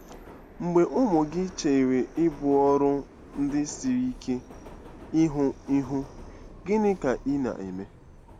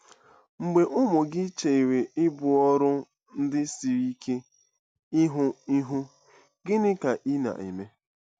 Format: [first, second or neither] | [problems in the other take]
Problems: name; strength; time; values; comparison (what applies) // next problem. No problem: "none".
second | background sound (Subway, metro, underground); 18 dB below the speech